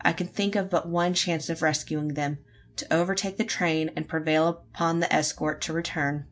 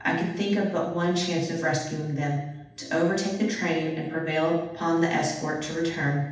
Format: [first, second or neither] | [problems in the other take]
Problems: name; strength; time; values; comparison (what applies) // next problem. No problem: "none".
first | room echo; dies away in 0.8 s